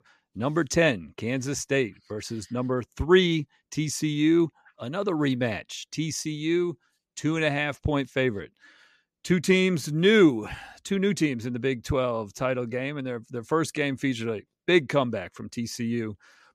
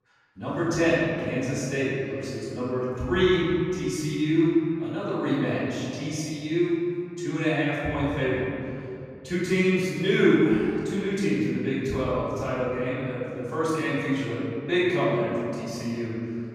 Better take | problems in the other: first | off-mic speech; far // room echo; strong; dies away in 2.5 s

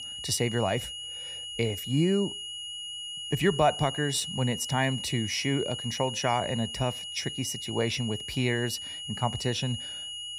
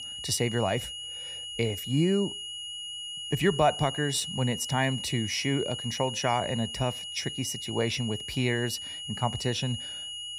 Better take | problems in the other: neither | high-pitched whine; loud; throughout; 3 kHz, 6 dB below the speech; the same in both

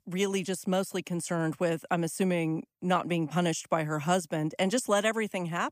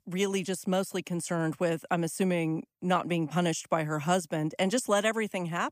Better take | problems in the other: neither | none

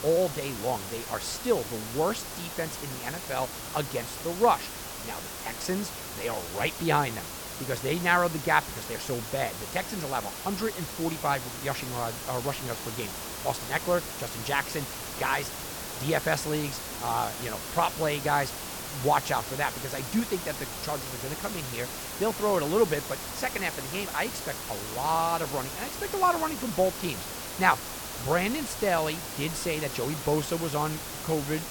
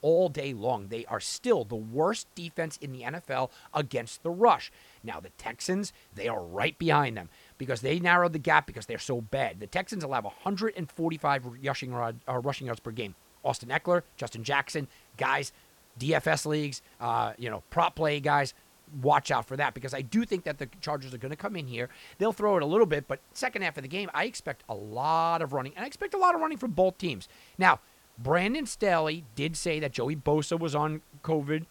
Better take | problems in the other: second | hiss; loud; throughout; 6 dB below the speech; faint in the second

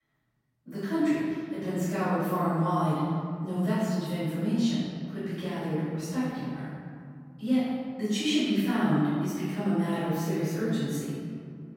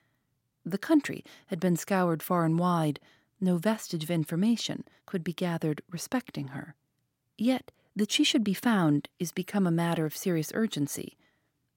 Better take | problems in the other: second | off-mic speech; far // room echo; strong; dies away in 2.4 s

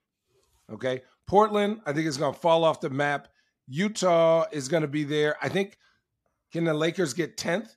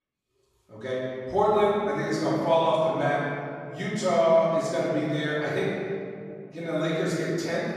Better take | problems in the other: first | room echo; strong; dies away in 2.1 s // off-mic speech; far

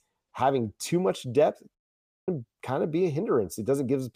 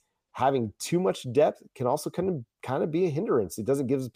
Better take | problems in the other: second | audio cutting out; at 2 s for 0.5 s

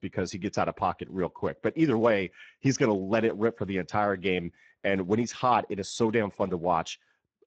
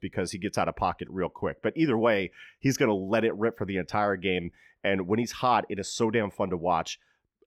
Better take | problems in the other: second | garbled, watery; badly; nothing above 7.5 kHz

